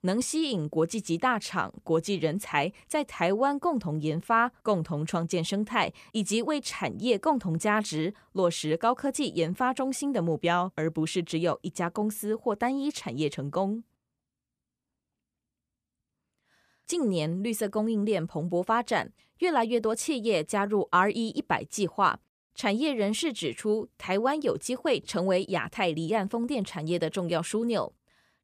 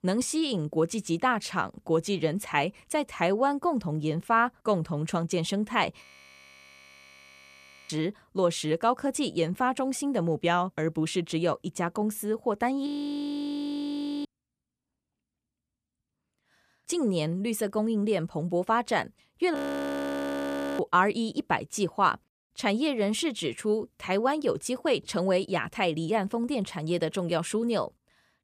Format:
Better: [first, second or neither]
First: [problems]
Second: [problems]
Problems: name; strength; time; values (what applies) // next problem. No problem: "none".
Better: first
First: none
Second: audio freezing; at 6 s for 2 s, at 13 s for 1.5 s and at 20 s for 1 s